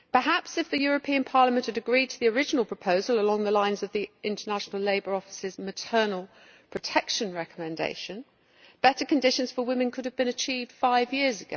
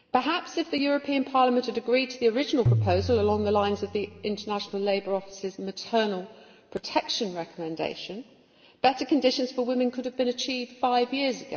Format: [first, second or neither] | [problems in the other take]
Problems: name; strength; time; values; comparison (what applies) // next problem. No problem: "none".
first | background sound (Tabla); 4 dB below the speech // room echo; dies away in 1.5 s